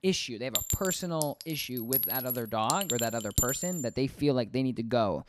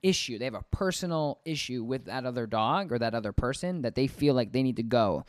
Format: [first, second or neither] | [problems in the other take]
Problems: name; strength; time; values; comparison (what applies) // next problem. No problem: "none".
second | clattering dishes; loud; from 0.5 to 4 s; peak 4 dB above the speech